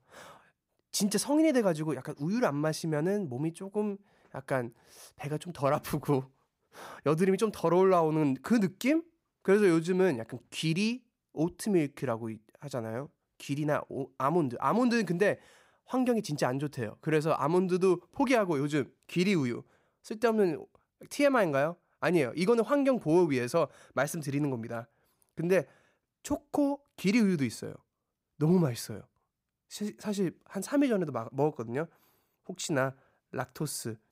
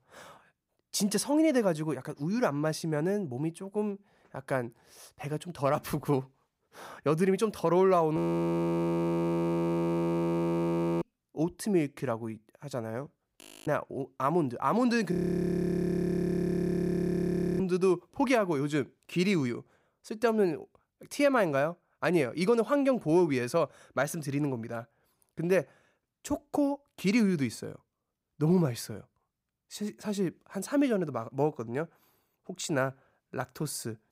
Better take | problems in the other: first | audio freezing; at 8 s for 3 s, at 13 s and at 15 s for 2.5 s

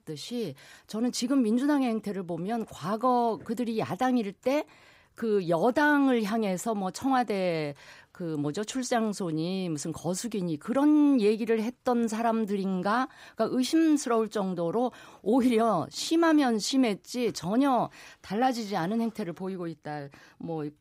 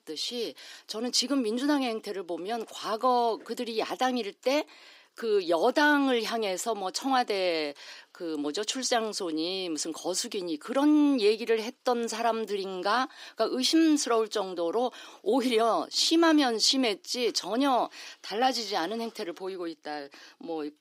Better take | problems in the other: first | thin; very slightly; fading below 300 Hz

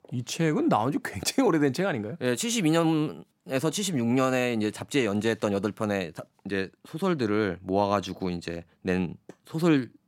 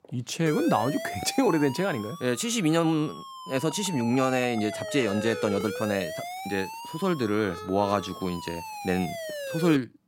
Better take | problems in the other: first | siren; noticeable; peak 6 dB below the speech

